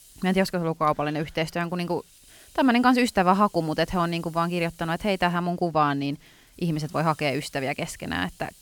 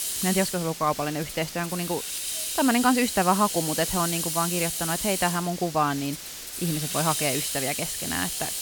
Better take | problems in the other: first | hiss; loud; throughout; 2 dB below the speech; faint in the first

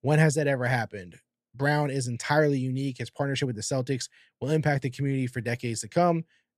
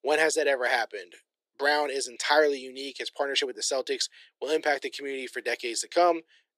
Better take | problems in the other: first | thin; very; fading below 350 Hz

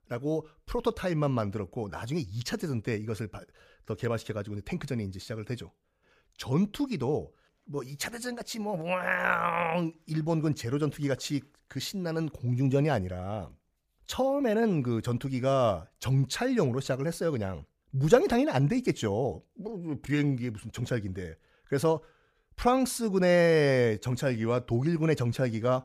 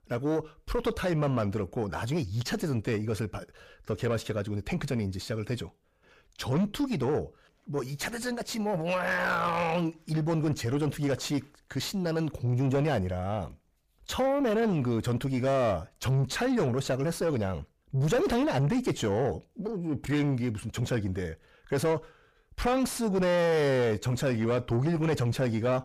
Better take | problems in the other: first | distortion; heavy; 7 dB below the speech

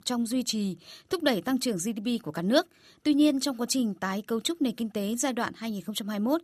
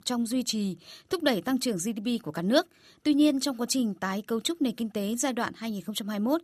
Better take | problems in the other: neither | none

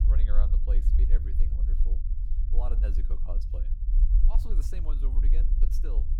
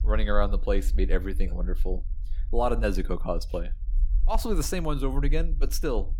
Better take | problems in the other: second | low rumble; loud; throughout; 3 dB below the speech; faint in the second

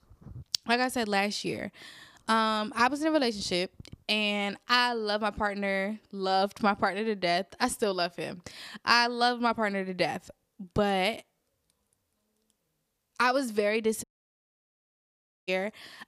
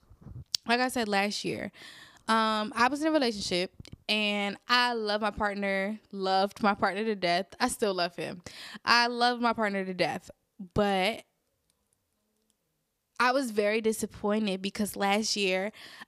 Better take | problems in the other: second | audio cutting out; at 14 s for 1.5 s

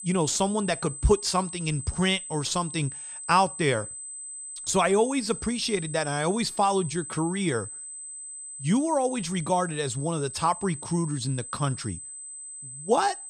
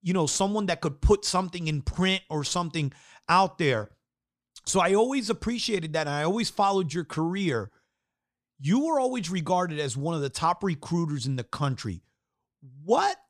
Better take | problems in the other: second | high-pitched whine; loud; throughout; 8 kHz, 10 dB below the speech

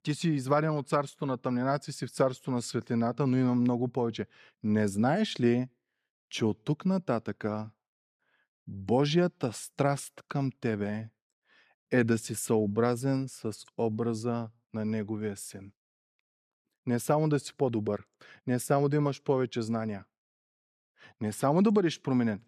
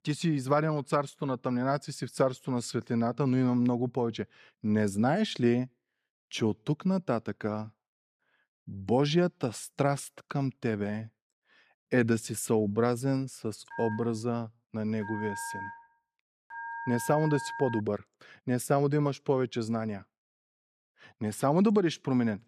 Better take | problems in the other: first | phone ringing; noticeable; from 14 to 18 s; peak 8 dB below the speech

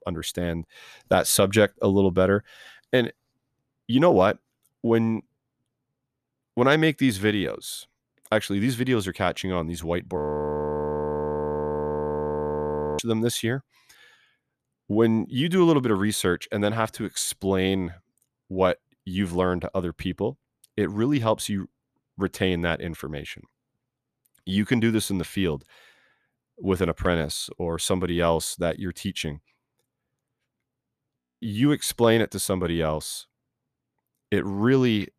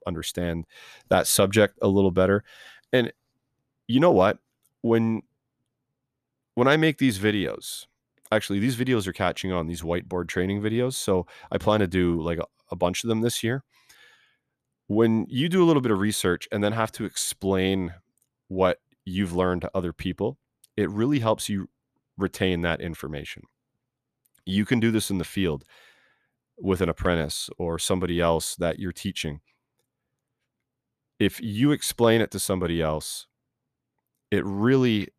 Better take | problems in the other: second | audio freezing; at 10 s for 3 s and at 31 s

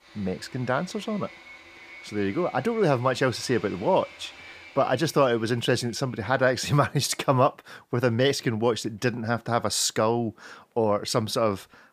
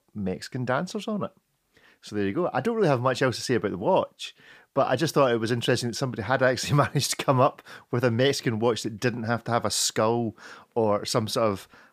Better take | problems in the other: second | machinery noise; faint; throughout; 20 dB below the speech

